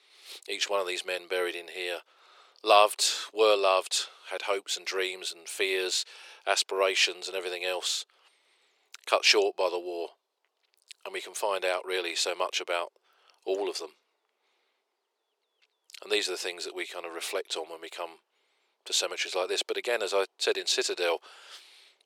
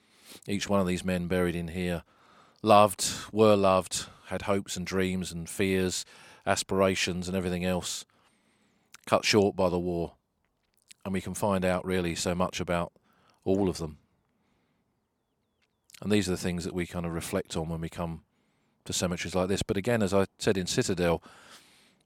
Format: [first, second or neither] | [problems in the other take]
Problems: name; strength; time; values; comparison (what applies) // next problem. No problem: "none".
second | thin; very; fading below 400 Hz